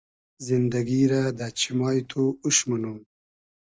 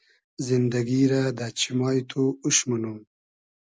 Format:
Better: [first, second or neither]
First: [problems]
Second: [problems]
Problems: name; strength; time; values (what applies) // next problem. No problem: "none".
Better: second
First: noise reduction (neural mask model DeepFilterNet 3)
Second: none